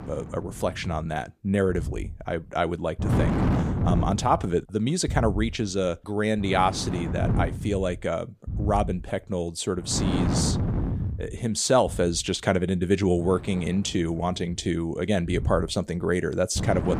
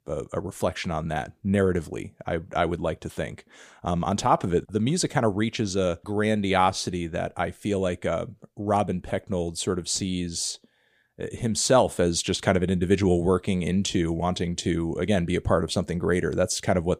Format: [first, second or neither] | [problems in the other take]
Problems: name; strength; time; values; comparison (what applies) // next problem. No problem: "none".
second | wind noise on the microphone; heavy; 8 dB below the speech